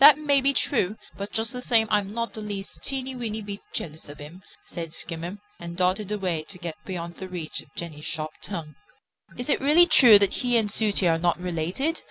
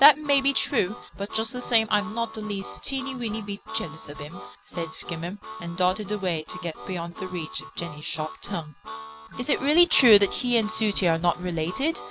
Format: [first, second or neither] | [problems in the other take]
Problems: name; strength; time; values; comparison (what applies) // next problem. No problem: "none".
first | background sound (Harmonica); 15 dB below the speech